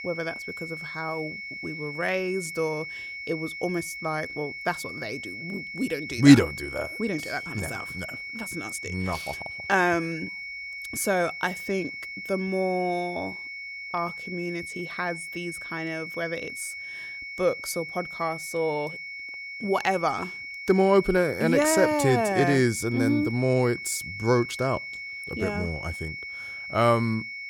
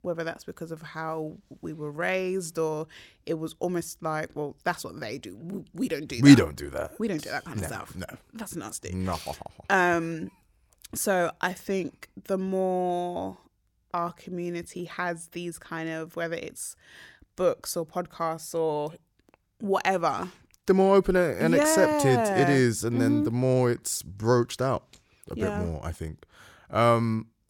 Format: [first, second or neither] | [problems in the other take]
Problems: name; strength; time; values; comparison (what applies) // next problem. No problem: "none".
second | high-pitched whine; loud; throughout; 2 kHz, 8 dB below the speech